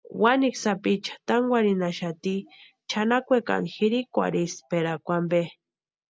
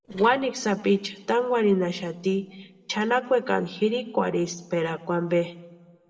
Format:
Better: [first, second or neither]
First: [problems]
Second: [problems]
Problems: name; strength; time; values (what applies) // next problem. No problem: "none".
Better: first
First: none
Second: noise reduction (neural separator model SepFormer DNS4)